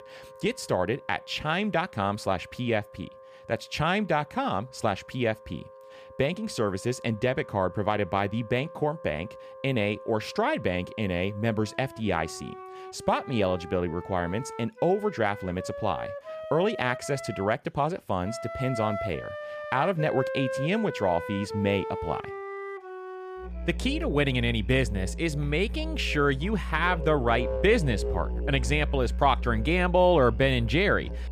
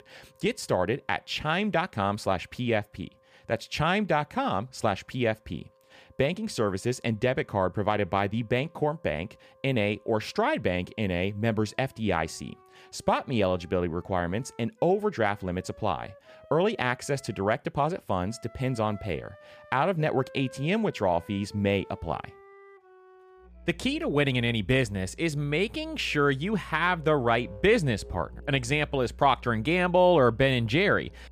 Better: second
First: background music; loud; throughout; 9 dB below the speech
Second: background music; faint; throughout; 25 dB below the speech

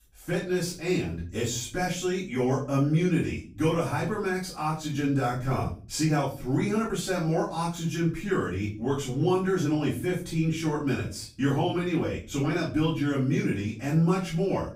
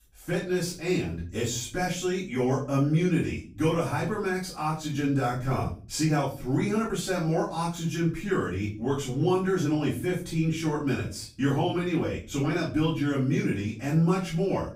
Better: neither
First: room echo; slight; dies away in 0.4 s // off-mic speech; far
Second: room echo; slight; dies away in 0.4 s // off-mic speech; far

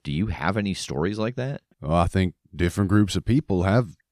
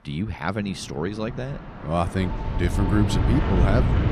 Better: first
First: none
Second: wind in the background; very loud; throughout; 2 dB above the speech

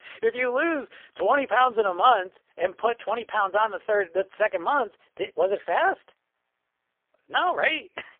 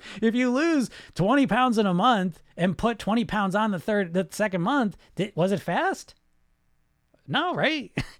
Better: second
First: phone-call audio; poor line; nothing above 3.5 kHz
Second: none

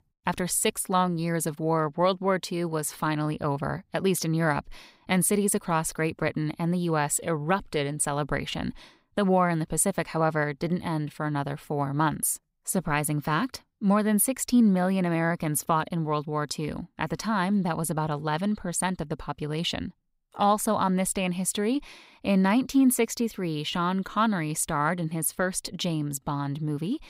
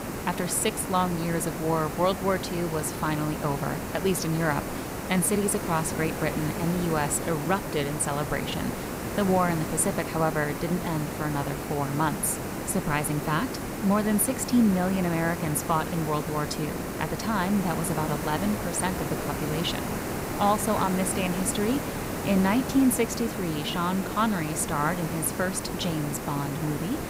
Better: first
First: none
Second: hiss; loud; throughout; 5 dB below the speech

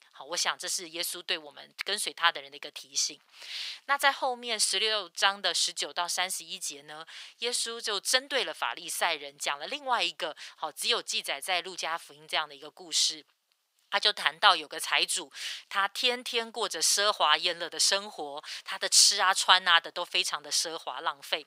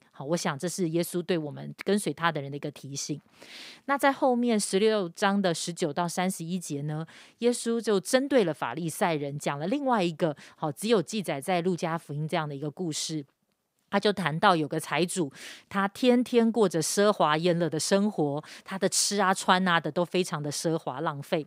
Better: second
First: thin; very; fading below 1 kHz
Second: none

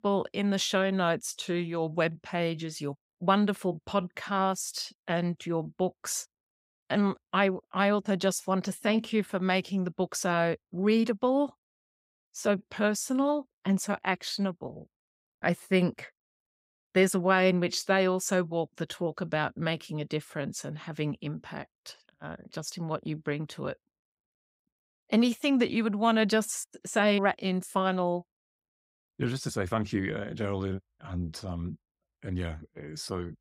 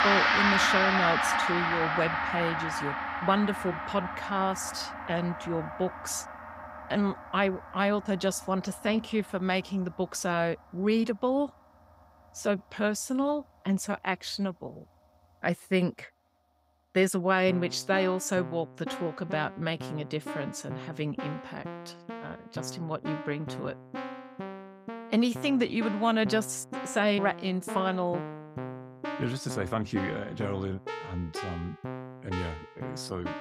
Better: first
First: none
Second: background music; loud; throughout; 3 dB below the speech

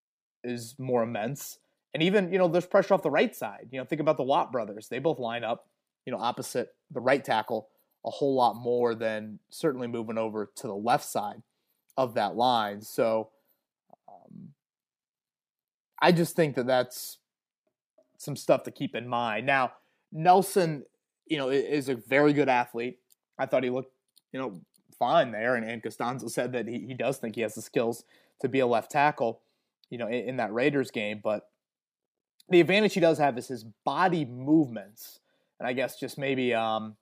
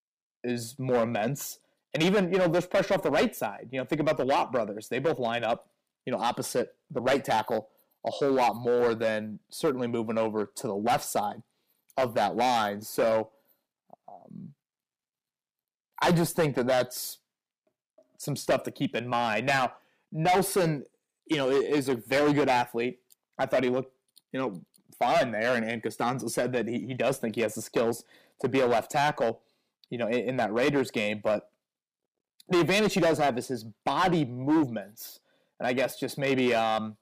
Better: first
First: none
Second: distortion; heavy; 7% of the sound clipped

